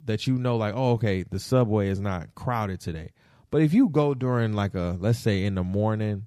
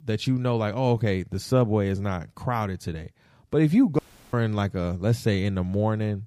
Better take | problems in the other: first | audio cutting out; at 4 s

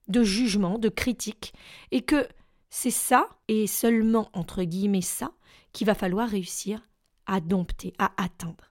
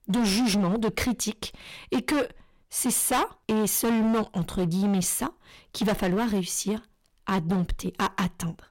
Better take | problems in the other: first | distortion; heavy; 17% of the sound clipped

